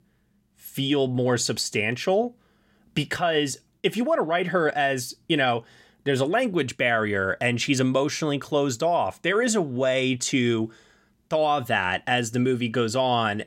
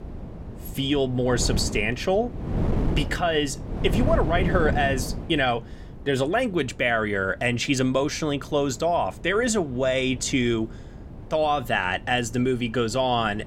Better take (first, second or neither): first